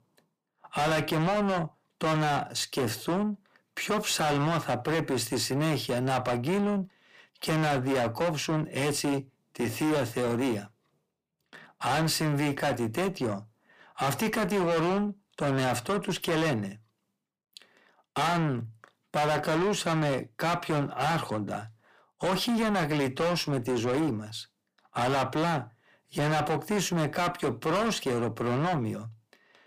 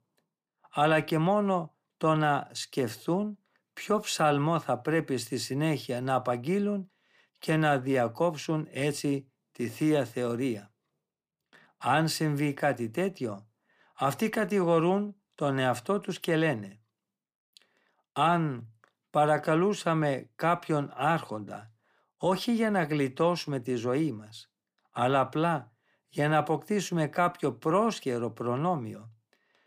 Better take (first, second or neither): second